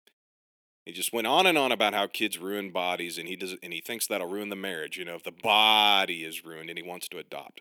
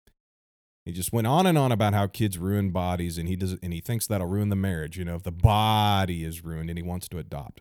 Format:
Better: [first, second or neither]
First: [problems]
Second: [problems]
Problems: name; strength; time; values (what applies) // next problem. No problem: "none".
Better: second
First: thin; very; fading below 300 Hz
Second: none